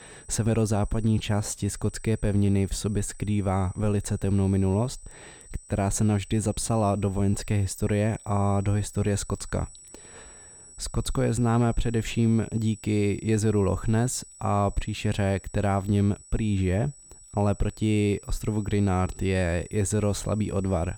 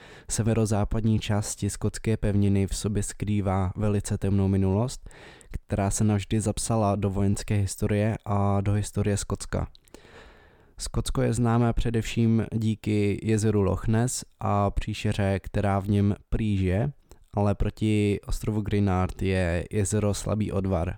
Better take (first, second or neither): second